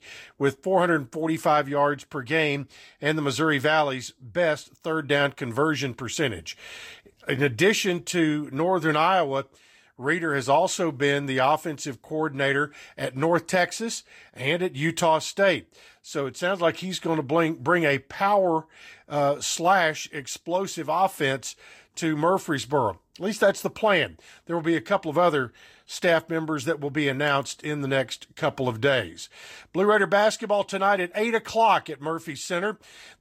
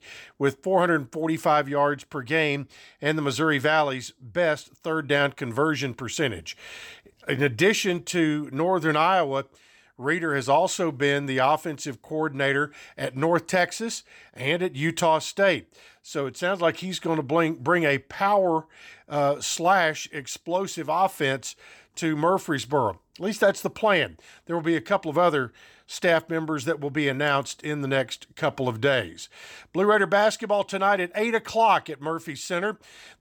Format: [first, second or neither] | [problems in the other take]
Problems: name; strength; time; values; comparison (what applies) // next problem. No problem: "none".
second | garbled, watery; slightly; nothing above 15 kHz